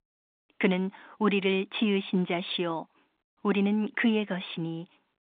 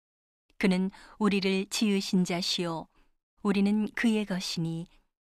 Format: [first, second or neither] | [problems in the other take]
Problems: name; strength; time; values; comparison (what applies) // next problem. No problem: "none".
second | phone-call audio; nothing above 3.5 kHz